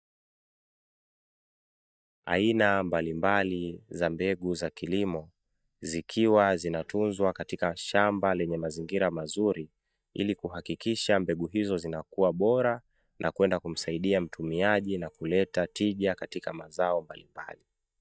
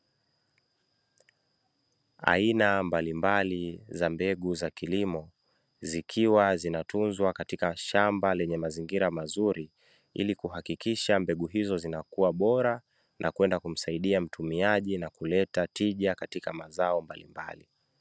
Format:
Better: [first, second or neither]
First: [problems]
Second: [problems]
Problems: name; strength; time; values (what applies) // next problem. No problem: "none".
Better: second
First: noise reduction (neural mask model DeepFilterNet 3)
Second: none